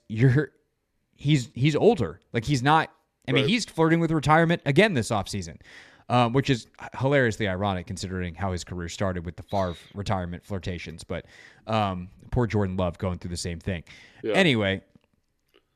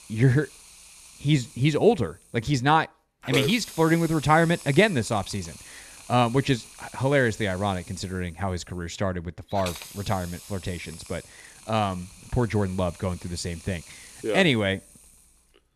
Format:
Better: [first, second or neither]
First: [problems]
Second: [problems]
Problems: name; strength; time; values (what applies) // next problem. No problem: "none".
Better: first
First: none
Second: hiss; noticeable; throughout; 20 dB below the speech